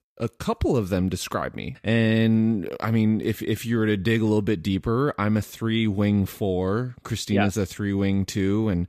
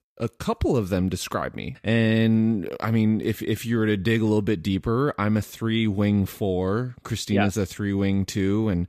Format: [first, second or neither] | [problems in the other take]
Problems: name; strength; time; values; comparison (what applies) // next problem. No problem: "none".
neither | none